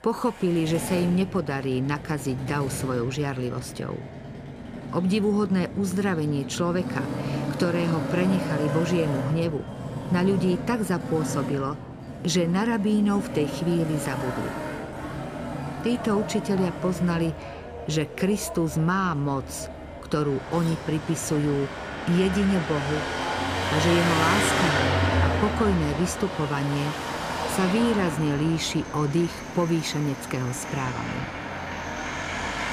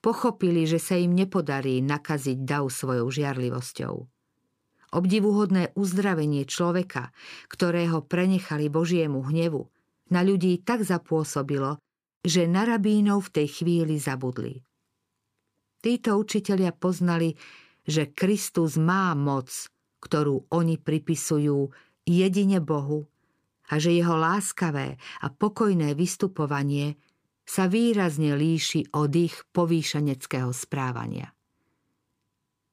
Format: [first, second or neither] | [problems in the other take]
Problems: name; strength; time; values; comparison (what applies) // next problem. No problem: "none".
second | traffic noise; loud; throughout; 5 dB below the speech